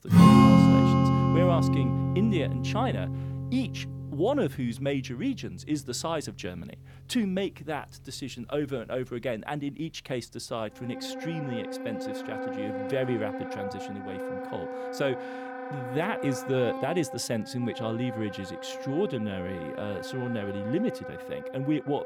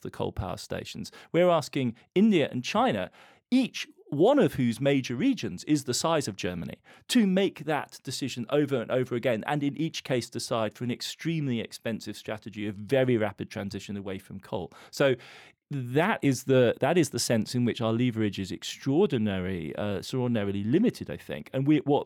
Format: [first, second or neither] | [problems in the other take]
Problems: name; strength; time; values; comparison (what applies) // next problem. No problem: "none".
second | background music; very loud; throughout; 5 dB above the speech